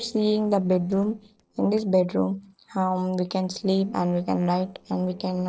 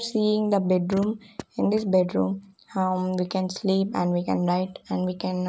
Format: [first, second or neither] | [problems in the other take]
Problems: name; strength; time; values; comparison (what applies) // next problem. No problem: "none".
second | noise reduction (neural separator model SepFormer DNS4)